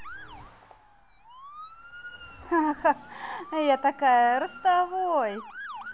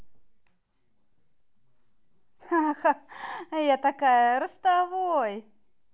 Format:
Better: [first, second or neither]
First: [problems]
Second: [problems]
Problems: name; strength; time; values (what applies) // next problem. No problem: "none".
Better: second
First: background sound (Motor vehicle (road) / Siren); 17 dB below the speech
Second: none